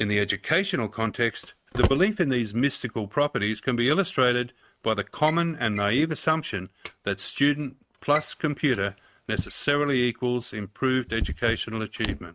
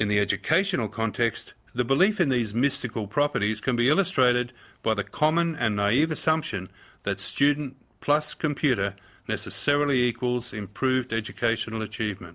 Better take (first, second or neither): second